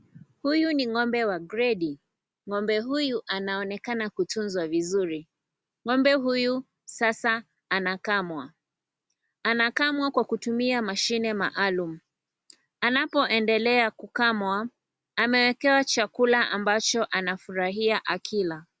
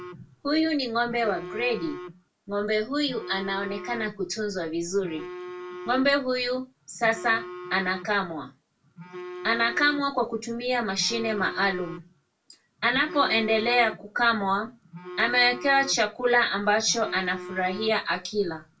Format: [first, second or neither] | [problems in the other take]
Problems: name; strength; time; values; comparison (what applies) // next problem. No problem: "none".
first | background sound (Telephone); 14 dB below the speech // room echo; dies away in 0.2 s